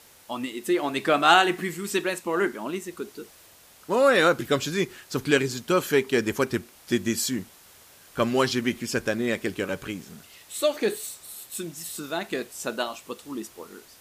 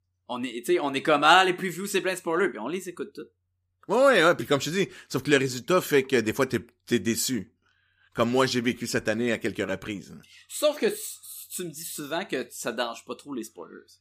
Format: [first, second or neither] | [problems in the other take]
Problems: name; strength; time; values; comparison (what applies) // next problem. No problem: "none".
second | hiss; faint; throughout; 25 dB below the speech